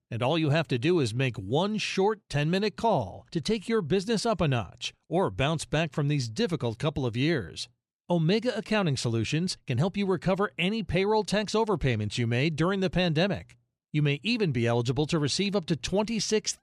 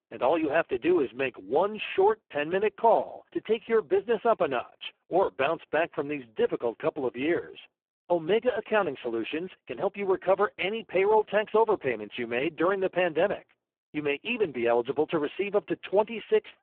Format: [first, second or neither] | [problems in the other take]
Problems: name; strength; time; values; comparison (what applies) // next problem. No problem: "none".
first | phone-call audio; poor line